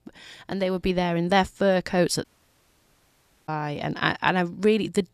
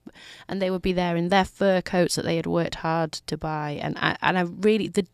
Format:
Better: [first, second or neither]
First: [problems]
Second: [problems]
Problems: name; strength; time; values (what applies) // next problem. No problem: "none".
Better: second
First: audio cutting out; at 2 s for 1 s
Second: none